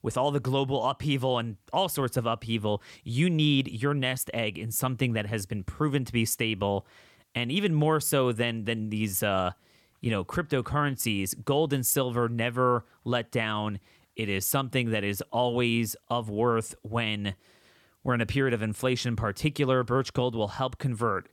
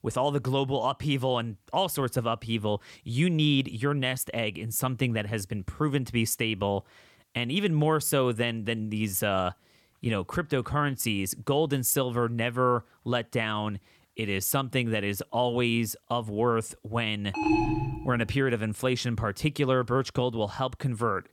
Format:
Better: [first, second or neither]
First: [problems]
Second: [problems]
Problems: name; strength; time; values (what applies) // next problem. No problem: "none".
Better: first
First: none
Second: alarm; loud; at 17 s; peak 3 dB above the speech